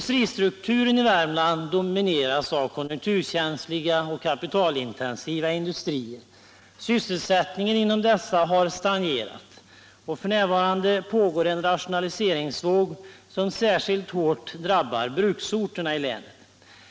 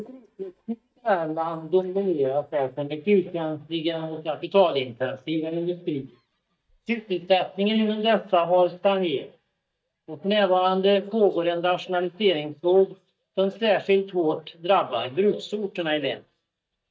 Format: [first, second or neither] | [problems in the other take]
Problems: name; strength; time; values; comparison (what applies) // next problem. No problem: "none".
first | noise reduction (neural mask model DeepFilterNet 3)